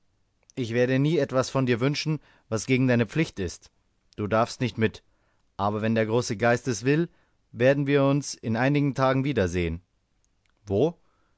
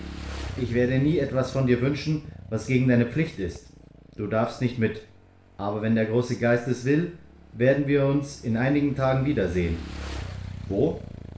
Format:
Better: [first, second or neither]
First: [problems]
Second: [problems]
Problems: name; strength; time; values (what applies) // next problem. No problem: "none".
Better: first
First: none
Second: background sound (Motorcycle / Engine); 14 dB below the speech // room echo; dies away in 0.5 s